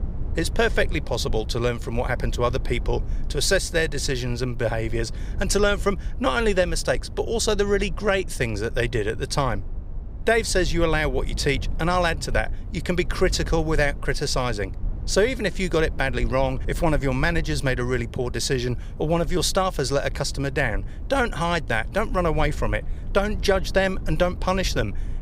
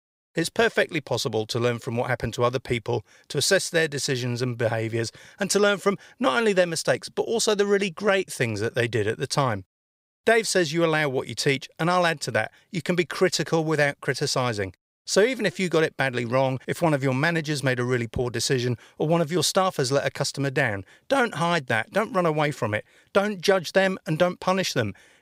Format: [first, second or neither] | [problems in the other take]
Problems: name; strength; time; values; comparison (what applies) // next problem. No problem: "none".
second | low rumble; faint; throughout; 25 dB below the speech